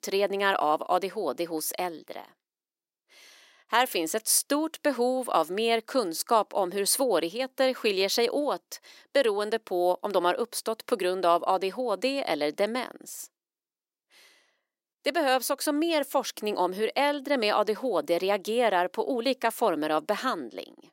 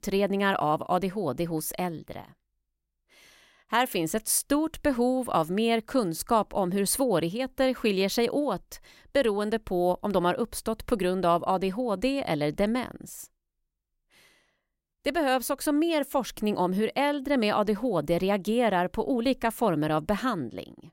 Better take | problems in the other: second | thin; very slightly; fading below 300 Hz

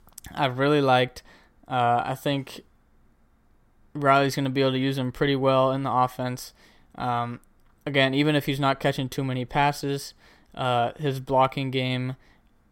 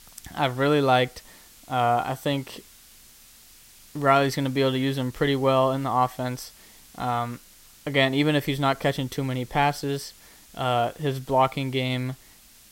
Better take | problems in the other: first | hiss; faint; throughout; 25 dB below the speech

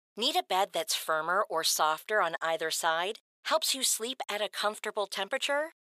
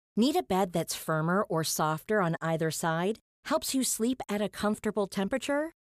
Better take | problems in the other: second | thin; very; fading below 700 Hz

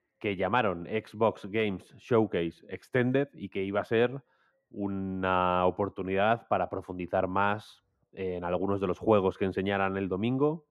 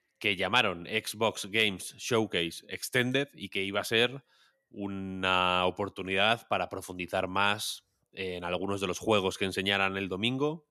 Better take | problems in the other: second | muffled; very; fading above 2.5 kHz

